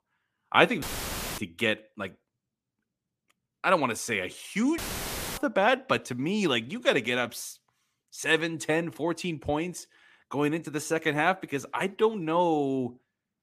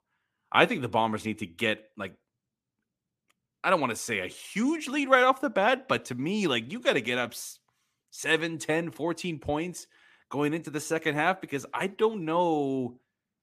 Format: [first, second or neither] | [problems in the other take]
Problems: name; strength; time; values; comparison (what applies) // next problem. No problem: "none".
second | audio cutting out; filled with static; at 1 s for 0.5 s and at 5 s for 0.5 s